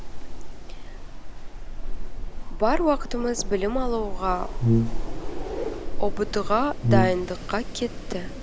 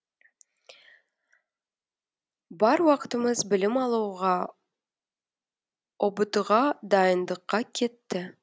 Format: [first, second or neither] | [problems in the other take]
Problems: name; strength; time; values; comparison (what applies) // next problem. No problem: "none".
second | background sound (Wind + Brass instrument); 3 dB above the speech